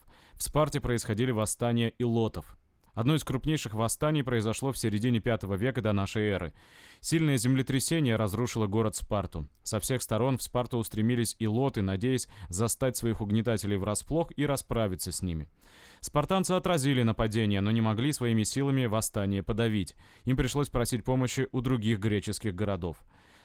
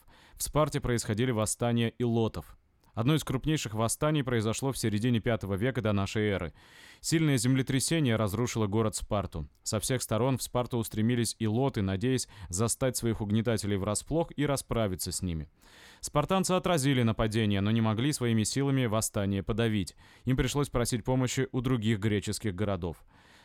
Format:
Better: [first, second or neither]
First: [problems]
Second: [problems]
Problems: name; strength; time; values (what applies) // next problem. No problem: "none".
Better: second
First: garbled, watery; slightly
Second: none